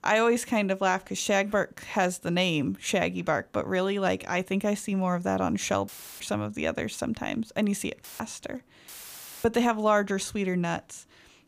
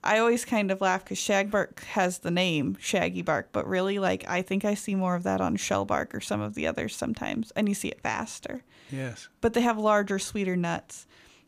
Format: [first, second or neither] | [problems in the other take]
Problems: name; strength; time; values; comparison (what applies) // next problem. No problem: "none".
second | audio cutting out; filled with static; at 6 s, at 8 s and at 9 s for 0.5 s